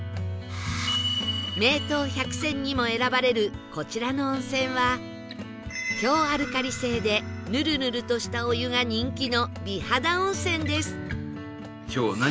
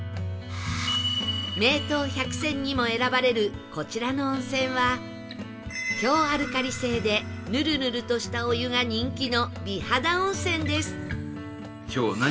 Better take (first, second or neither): first